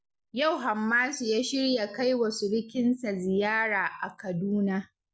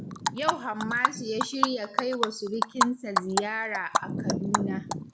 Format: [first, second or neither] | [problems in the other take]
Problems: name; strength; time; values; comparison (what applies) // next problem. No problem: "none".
first | background sound (Animal); 2 dB above the speech